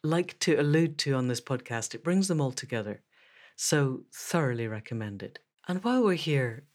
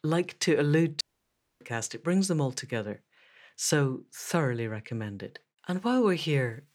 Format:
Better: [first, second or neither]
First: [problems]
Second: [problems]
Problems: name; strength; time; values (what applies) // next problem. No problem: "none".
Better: first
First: none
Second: audio cutting out; at 1 s for 0.5 s